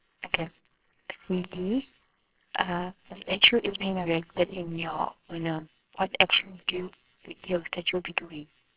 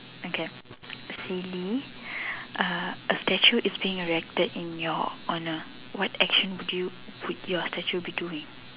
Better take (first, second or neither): second